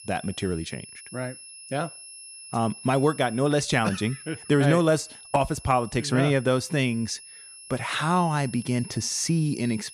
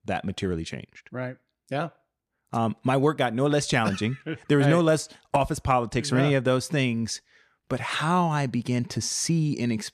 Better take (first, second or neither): second